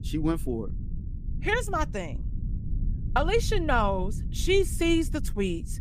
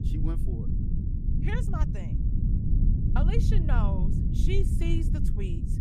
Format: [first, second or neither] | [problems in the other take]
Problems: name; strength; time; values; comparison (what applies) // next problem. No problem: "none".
first | low rumble; loud; throughout; 2 dB below the speech; faint in the first